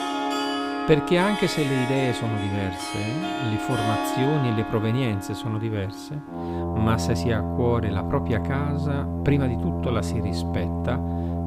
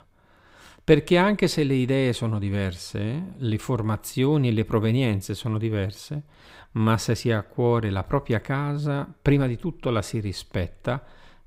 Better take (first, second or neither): second